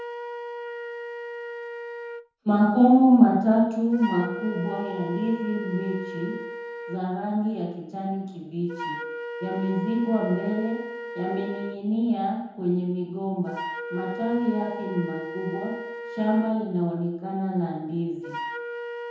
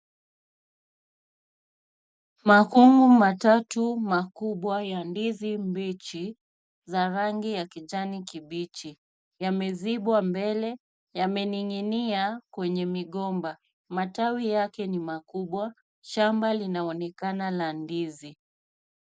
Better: second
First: background sound (Wind instrument, woodwind instrument); 11 dB below the speech // room echo; dies away in 0.9 s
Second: none

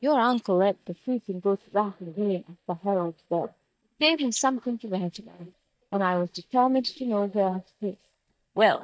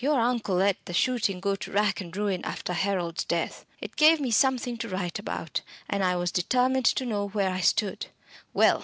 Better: second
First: noise reduction (neural mask model DeepFilterNet 3)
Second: none

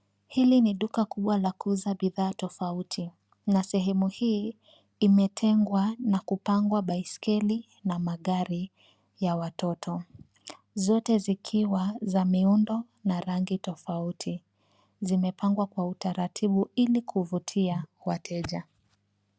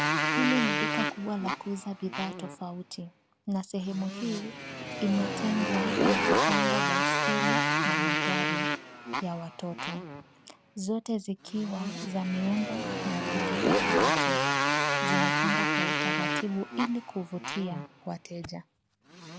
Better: first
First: none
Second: background sound (Motorcycle); 4 dB above the speech

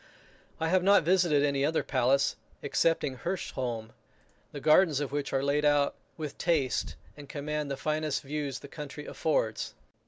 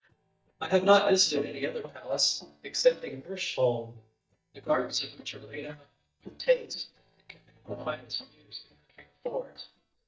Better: first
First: none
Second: noise reduction (neural mask model DeepFilterNet 3)

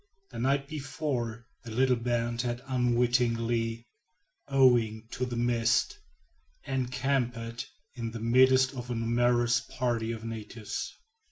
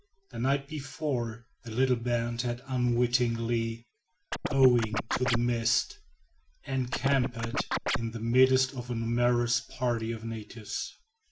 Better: first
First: none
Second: background sound (Scratching (performance technique)); 2 dB below the speech

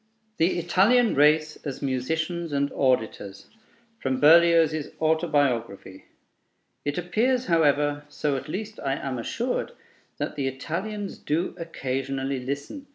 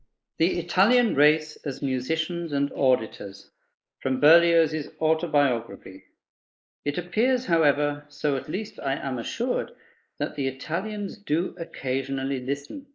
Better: first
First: none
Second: noise reduction (neural mask model Resemble Enhance denoiser)

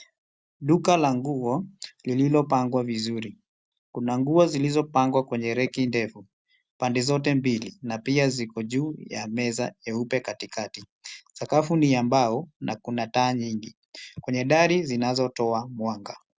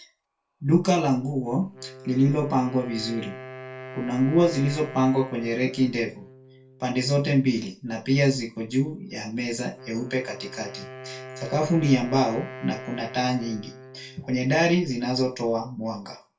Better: first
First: none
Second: background sound (Wind instrument, woodwind instrument); 17 dB below the speech // room echo; dies away in 0.2 s

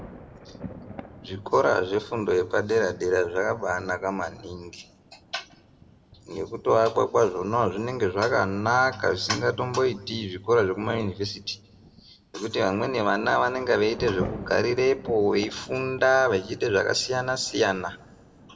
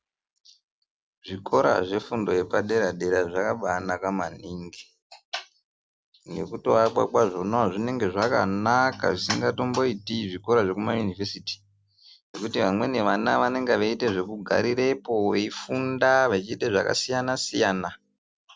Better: second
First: background sound (Thunder / Rain); 18 dB below the speech // room echo; dies away in 0.7 s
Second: none

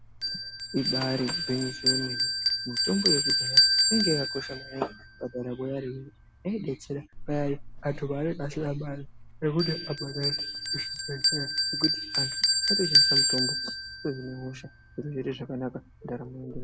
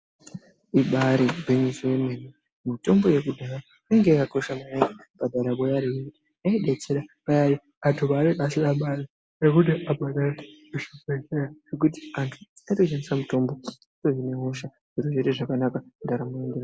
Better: second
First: background sound (Bell); 3 dB above the speech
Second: none

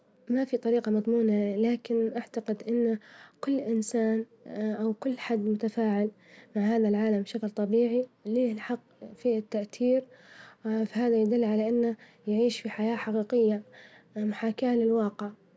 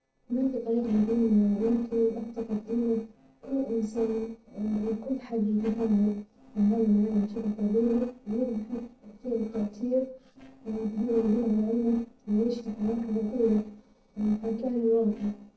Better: first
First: none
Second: noise reduction (neural separator model SepFormer DNS4)

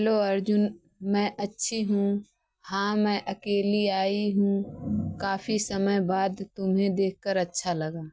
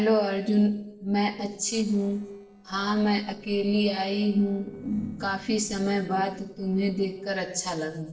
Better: first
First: none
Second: noise reduction (neural separator model SepFormer DNS4)

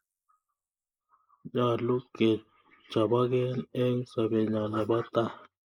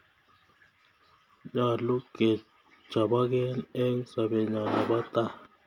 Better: second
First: noise reduction (neural mask model Resemble Enhance denoiser)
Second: none

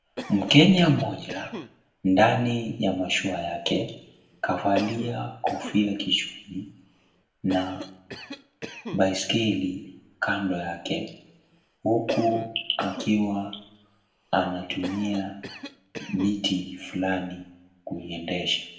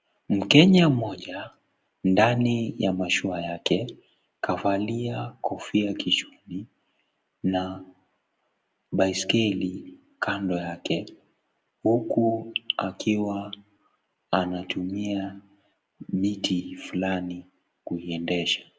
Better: second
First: background sound (Cough); 15 dB below the speech // room echo; dies away in 0.6 s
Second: none

